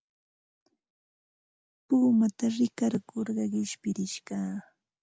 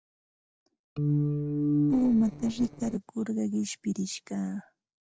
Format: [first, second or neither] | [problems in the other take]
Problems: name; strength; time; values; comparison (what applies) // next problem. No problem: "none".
first | noise reduction (neural separator model SepFormer DNS4)